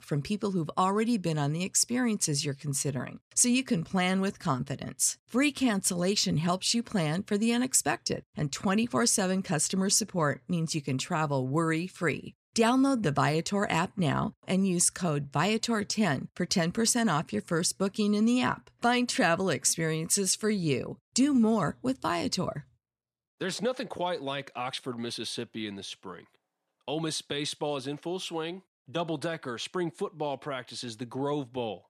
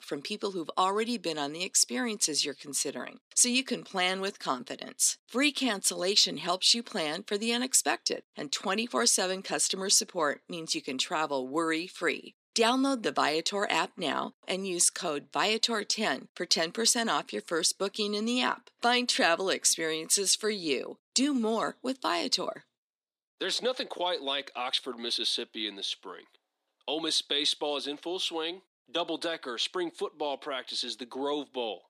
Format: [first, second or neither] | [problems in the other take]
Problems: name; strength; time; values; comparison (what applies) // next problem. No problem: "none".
first | thin; very slightly; fading below 250 Hz